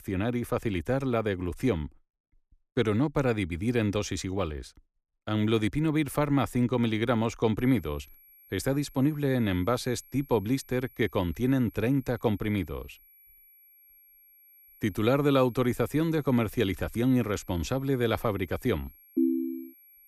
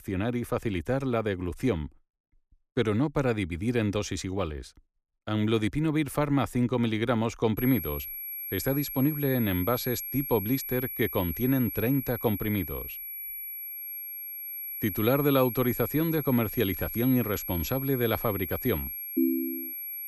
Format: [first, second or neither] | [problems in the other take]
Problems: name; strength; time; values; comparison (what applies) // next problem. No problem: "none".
first | high-pitched whine; loud; from 7.5 s on; 11.5 kHz, 6 dB below the speech; faint in the first